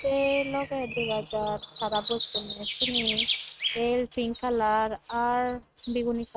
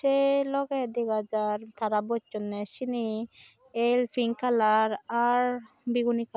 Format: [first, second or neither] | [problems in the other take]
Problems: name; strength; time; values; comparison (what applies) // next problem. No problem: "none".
second | noise reduction (neural mask model RNNoise)